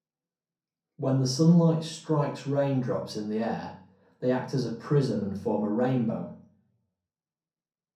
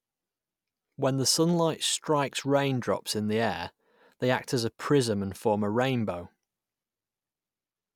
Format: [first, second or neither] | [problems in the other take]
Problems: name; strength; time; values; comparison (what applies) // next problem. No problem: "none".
second | room echo; dies away in 0.6 s